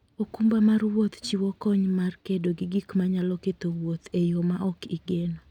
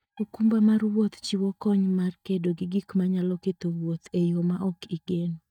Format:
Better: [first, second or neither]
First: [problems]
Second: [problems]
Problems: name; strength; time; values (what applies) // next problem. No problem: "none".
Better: first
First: none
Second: noise reduction (neural mask model DeepFilterNet 3)